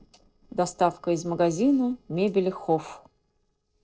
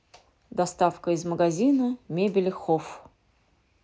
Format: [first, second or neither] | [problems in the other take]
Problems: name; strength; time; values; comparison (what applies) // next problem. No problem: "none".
second | noise reduction (neural separator model SepFormer DNS4)